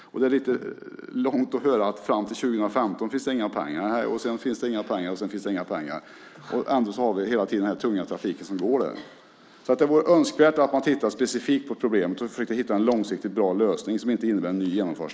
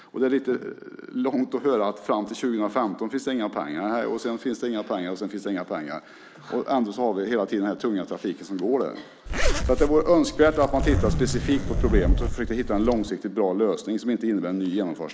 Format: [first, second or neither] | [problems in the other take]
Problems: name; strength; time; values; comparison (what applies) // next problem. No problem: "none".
first | background sound (Zipper (clothing)); 1 dB above the speech